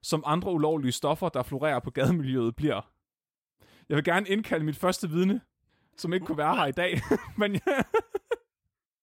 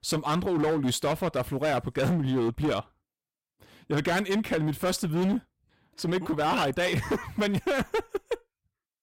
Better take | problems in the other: first | distortion; heavy; 15% of the sound clipped

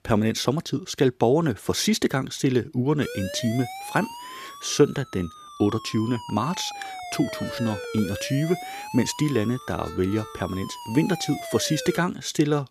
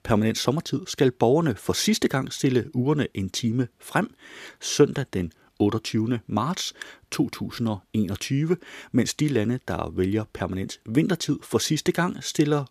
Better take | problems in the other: second | siren; noticeable; from 3 to 12 s; peak 8 dB below the speech

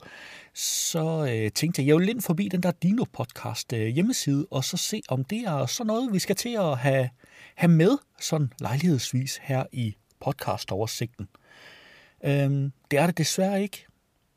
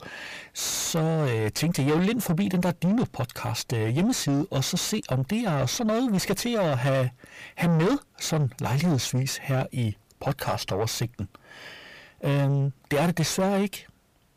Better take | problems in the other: first | distortion; heavy; 7 dB below the speech

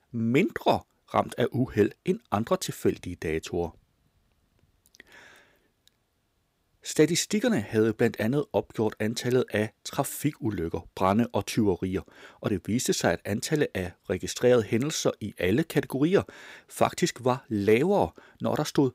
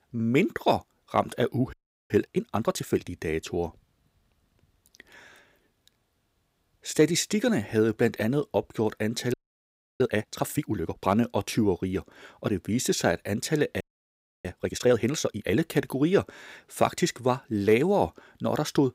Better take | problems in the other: first | audio freezing; at 1.5 s, at 9.5 s for 0.5 s and at 14 s for 0.5 s

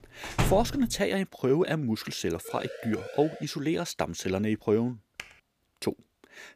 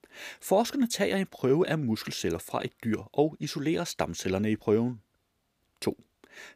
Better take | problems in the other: second | door banging; noticeable; at 0.5 s; peak level with the speech // siren; faint; at 2.5 s; peak 10 dB below the speech // keyboard typing; faint; at 5 s; peak 15 dB below the speech

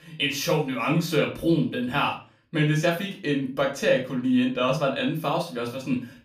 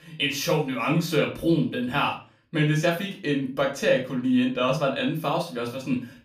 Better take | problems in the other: neither | room echo; slight; dies away in 0.3 s; the same in both // off-mic speech; far; the same in both

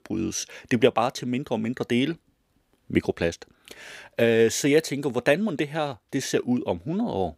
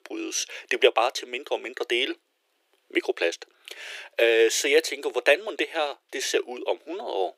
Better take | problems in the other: first | thin; very; fading below 350 Hz

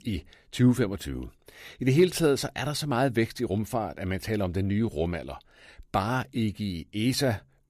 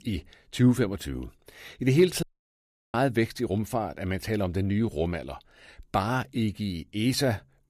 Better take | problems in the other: first | audio cutting out; at 2 s for 0.5 s

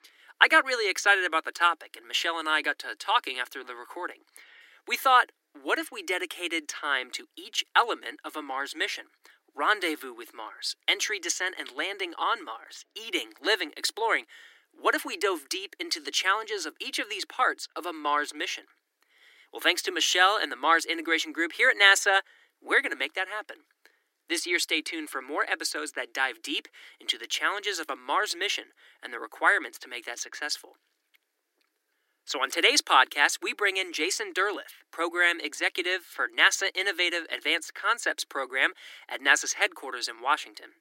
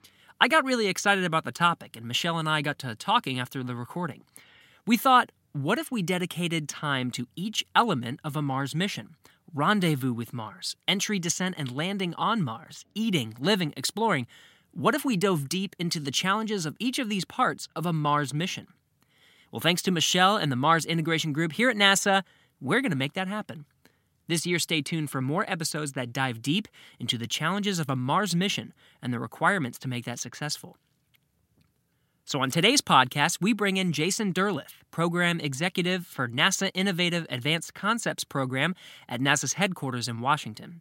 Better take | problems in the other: second | thin; very; fading below 300 Hz

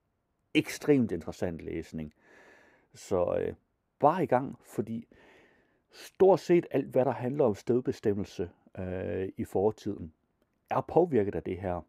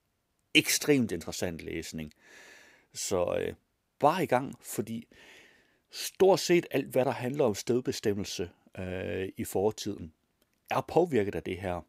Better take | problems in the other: second | muffled; slightly; fading above 2 kHz

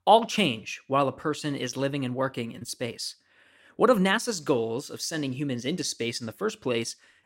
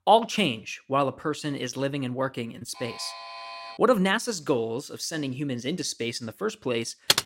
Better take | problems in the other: first | alarm; faint; from 2.5 to 4 s; peak 10 dB below the speech // keyboard typing; loud; at 7 s; peak 5 dB above the speech

